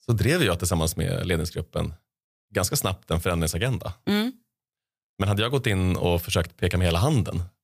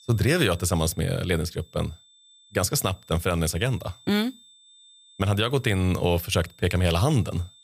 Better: first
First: none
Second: high-pitched whine; faint; throughout; 3.5 kHz, 25 dB below the speech

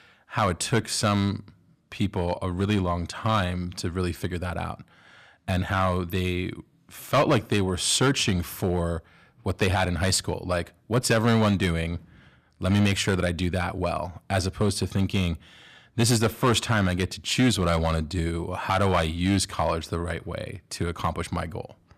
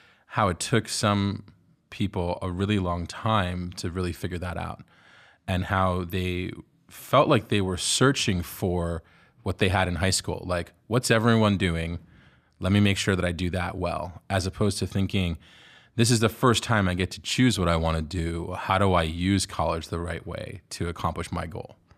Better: second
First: distortion; slight; 3% of the sound clipped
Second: none

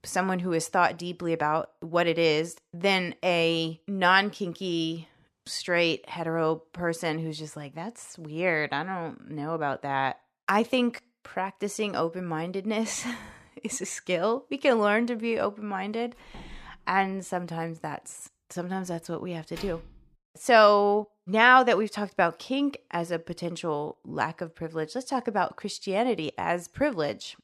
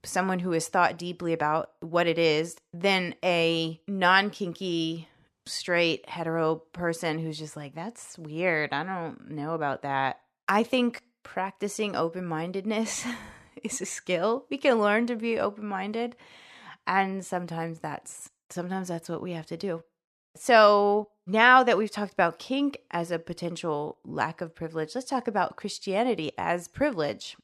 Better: second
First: door banging; faint; from 16 to 20 s; peak 15 dB below the speech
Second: none

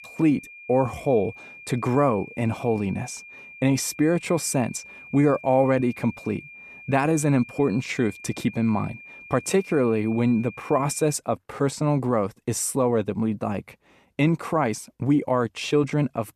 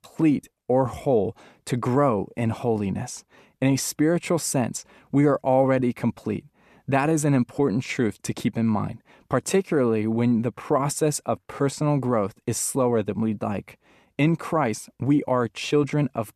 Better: second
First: high-pitched whine; noticeable; until 11 s; 2.5 kHz, 20 dB below the speech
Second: none

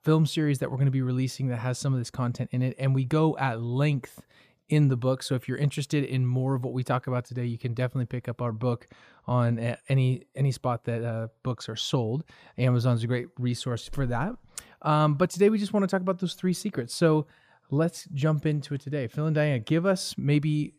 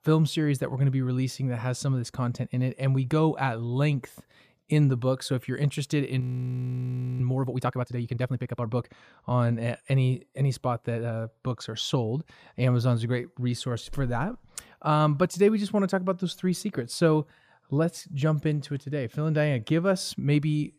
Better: first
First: none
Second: audio freezing; at 6 s for 1 s

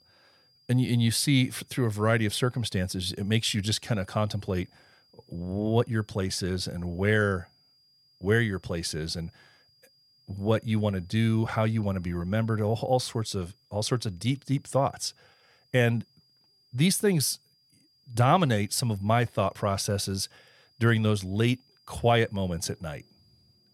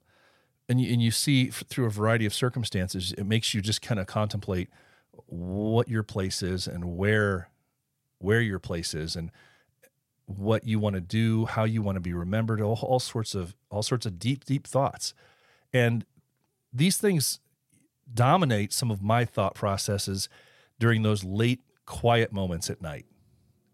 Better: second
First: high-pitched whine; faint; throughout; 5 kHz, 35 dB below the speech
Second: none

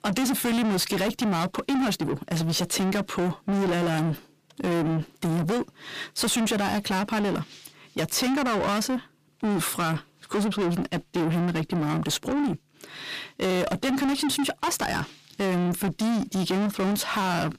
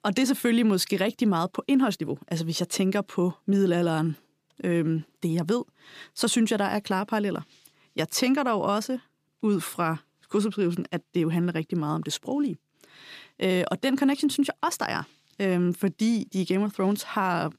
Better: second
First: distortion; heavy; 6 dB below the speech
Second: none

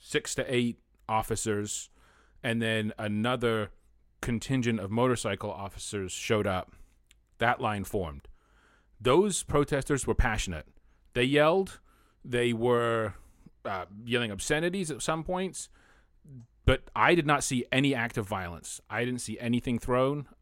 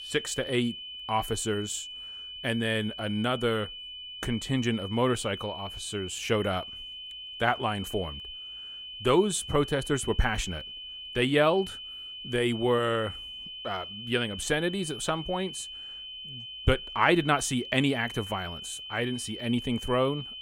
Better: first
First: none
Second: high-pitched whine; loud; throughout; 3 kHz, 10 dB below the speech

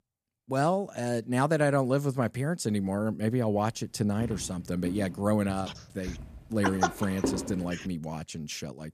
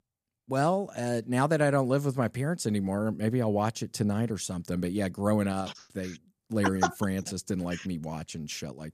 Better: second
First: footsteps; noticeable; from 4 to 7.5 s; peak 2 dB below the speech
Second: none

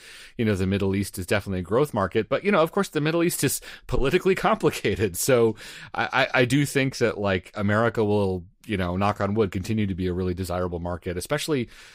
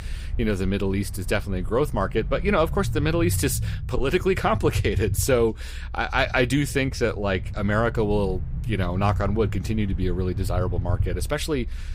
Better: first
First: none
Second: low rumble; noticeable; throughout; 20 dB below the speech

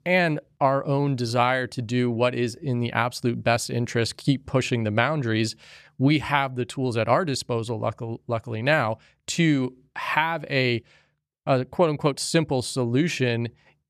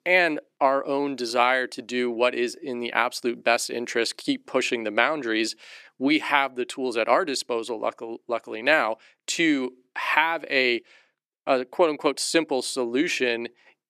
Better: first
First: none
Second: thin; somewhat; fading below 300 Hz

